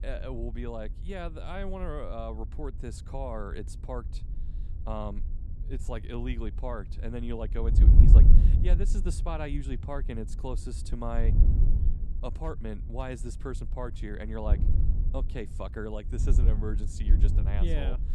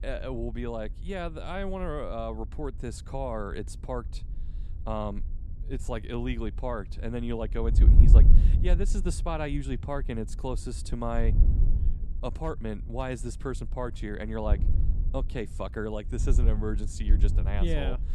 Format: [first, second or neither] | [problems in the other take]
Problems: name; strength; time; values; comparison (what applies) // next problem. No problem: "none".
second | wind noise on the microphone; heavy; 6 dB below the speech; occasional gusts in the second